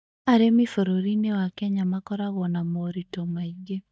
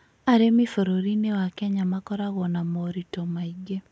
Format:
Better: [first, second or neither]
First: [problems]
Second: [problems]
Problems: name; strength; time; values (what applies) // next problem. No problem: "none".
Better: second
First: noise reduction (neural mask model DeepFilterNet 3)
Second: none